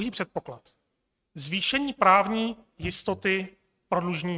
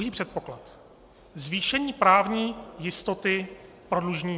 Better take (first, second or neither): second